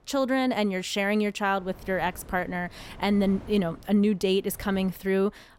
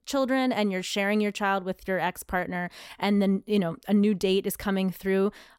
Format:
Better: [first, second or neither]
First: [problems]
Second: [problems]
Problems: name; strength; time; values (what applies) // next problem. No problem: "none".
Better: second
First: wind noise on the microphone; occasional gusts; 25 dB below the speech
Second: none